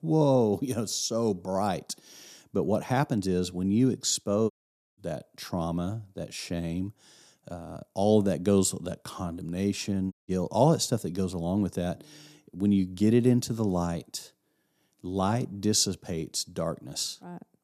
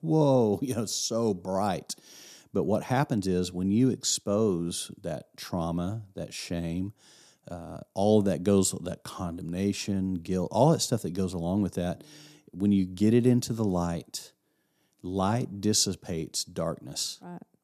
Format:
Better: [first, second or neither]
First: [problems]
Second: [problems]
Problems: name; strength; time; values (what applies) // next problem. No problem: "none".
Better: second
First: audio cutting out; at 4.5 s and at 10 s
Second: none